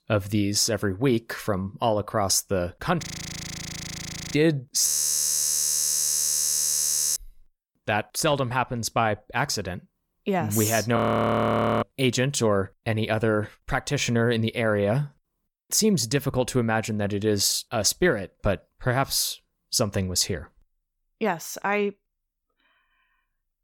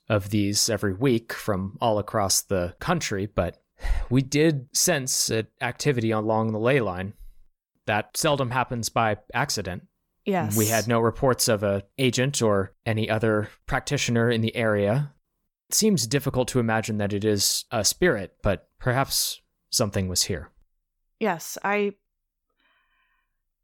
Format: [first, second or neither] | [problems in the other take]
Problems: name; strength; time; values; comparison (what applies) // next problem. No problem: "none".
second | audio freezing; at 3 s for 1.5 s, at 5 s for 2.5 s and at 11 s for 1 s